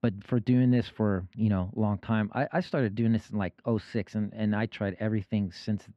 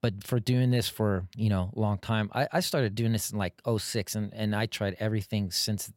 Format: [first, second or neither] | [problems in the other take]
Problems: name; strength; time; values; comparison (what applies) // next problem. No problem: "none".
second | muffled; very; fading above 2 kHz